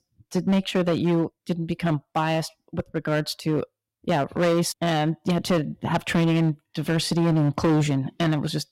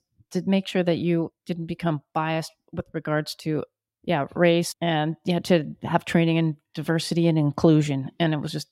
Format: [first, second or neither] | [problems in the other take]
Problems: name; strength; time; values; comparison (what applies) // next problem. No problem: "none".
second | distortion; heavy; 10% of the sound clipped